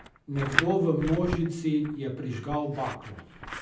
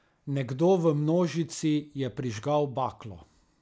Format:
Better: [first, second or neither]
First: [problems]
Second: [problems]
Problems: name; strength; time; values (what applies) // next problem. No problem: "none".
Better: second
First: background sound (Scissors); 7 dB below the speech // room echo; dies away in 0.6 s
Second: none